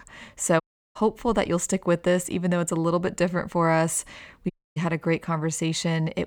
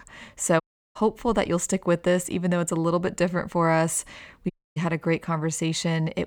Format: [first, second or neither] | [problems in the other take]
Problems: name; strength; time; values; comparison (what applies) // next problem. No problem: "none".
neither | audio cutting out; at 0.5 s and at 4.5 s; the same in both